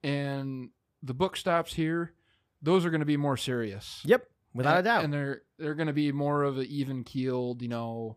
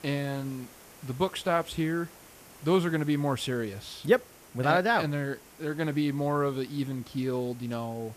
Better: first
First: none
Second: hiss; faint; throughout; 20 dB below the speech

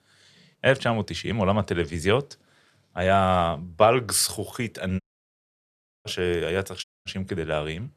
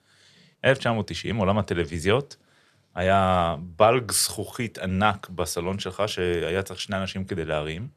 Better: second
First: audio cutting out; at 5 s for 1 s and at 7 s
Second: none

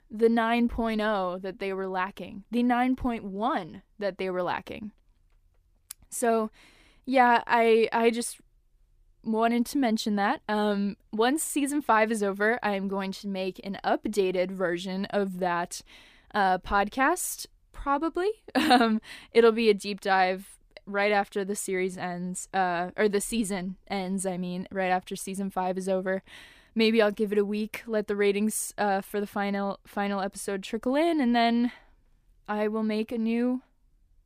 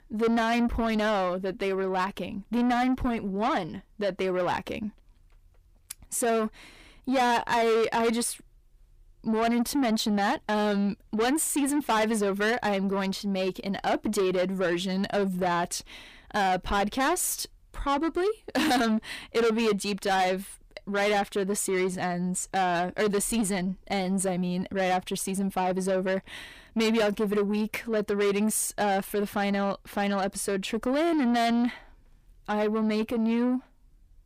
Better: first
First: none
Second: distortion; heavy; 8 dB below the speech

